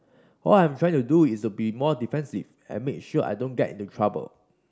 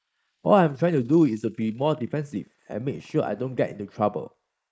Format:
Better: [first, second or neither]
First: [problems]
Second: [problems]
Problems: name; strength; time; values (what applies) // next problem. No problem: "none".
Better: first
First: none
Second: noise reduction (neural mask model Resemble Enhance denoiser)